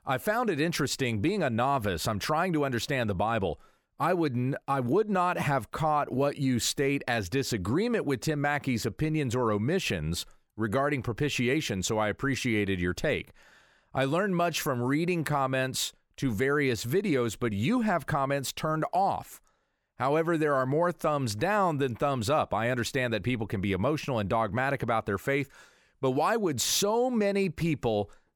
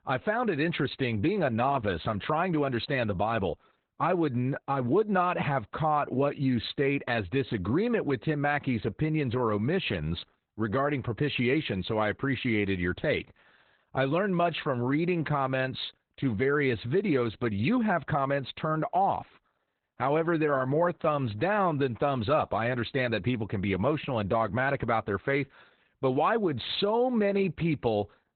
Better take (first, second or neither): first